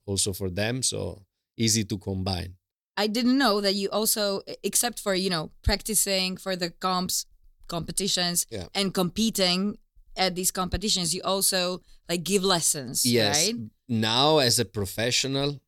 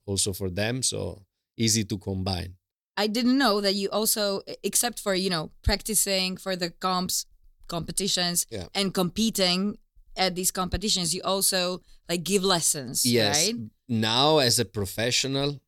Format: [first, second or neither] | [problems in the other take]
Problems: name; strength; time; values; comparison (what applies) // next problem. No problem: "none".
neither | none